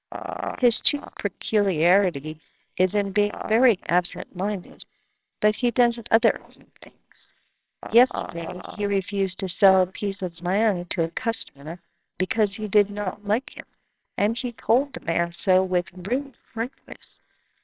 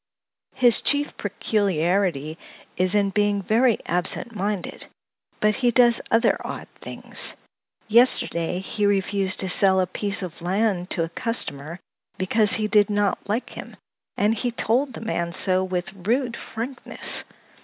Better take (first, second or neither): second